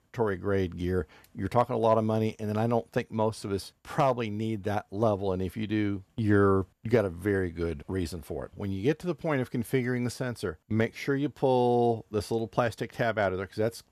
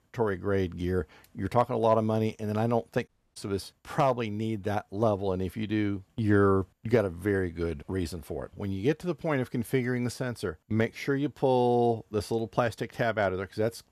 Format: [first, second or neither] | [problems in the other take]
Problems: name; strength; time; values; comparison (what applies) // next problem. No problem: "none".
first | audio cutting out; at 3 s